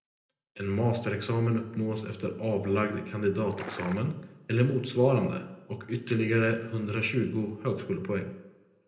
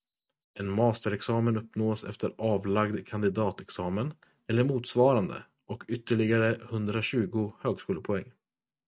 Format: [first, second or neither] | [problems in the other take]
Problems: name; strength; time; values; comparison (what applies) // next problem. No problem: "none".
second | background sound (Liquid); 12 dB below the speech // room echo; dies away in 0.8 s